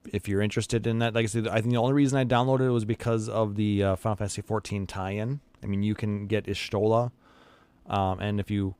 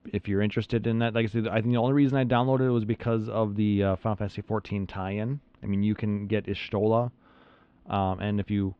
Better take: first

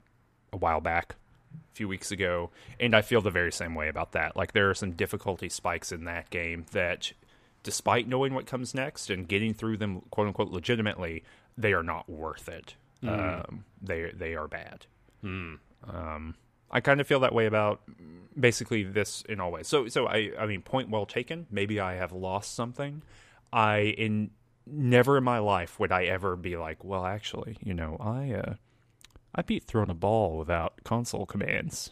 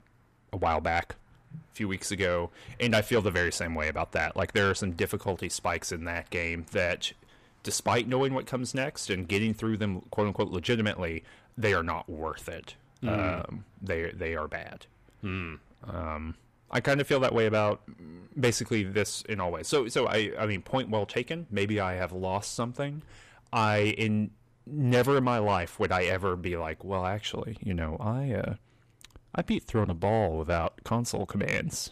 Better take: first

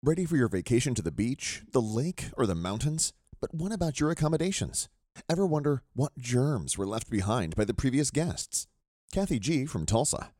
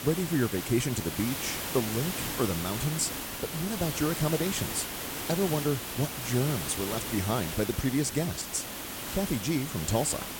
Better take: first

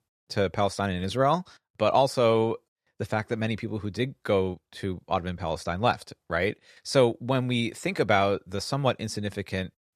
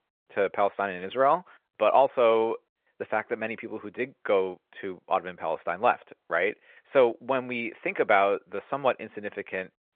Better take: first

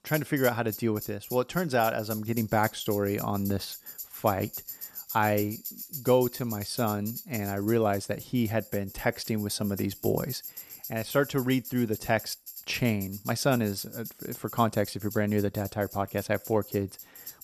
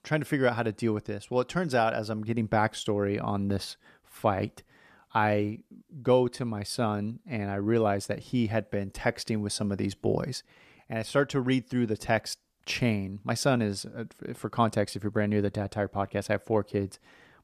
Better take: second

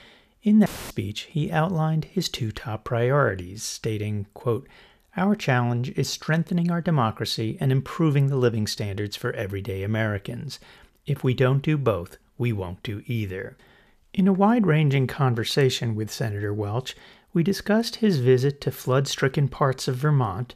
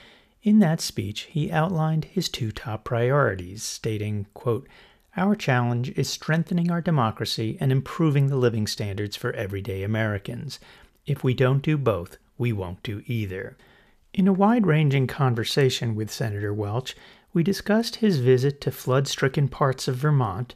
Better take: second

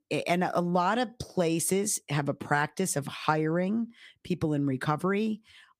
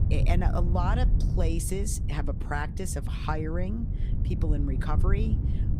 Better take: first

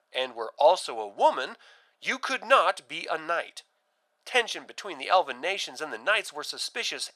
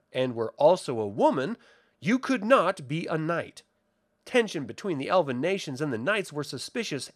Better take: second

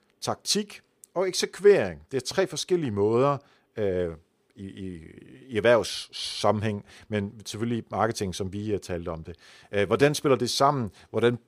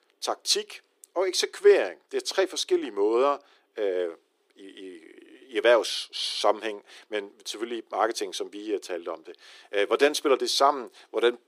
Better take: first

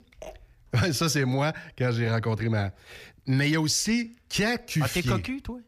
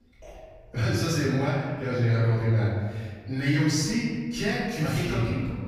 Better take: first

